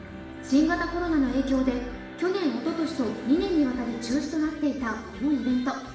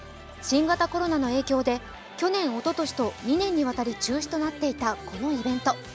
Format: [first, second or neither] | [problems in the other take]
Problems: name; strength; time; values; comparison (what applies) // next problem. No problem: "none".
second | background sound (Bowed string instrument); 15 dB below the speech // room echo; dies away in 0.8 s